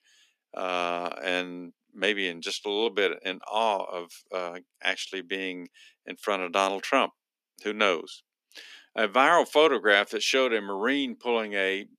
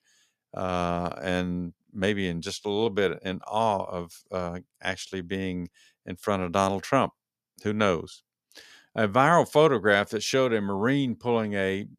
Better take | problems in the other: second | thin; very slightly; fading below 250 Hz

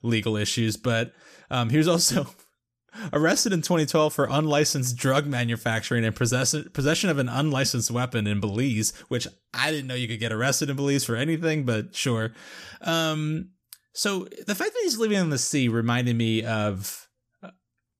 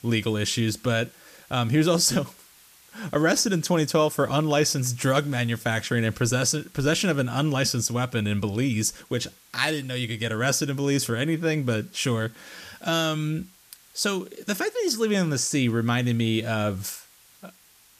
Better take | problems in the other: first | hiss; faint; throughout; 25 dB below the speech

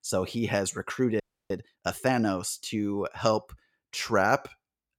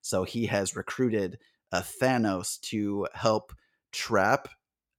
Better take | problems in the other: second | audio freezing; at 1 s

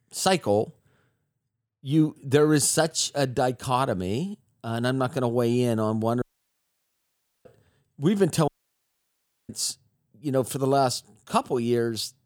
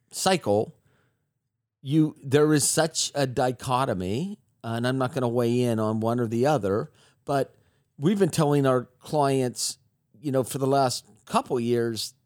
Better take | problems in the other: second | audio cutting out; at 6 s for 1 s and at 8.5 s for 1 s

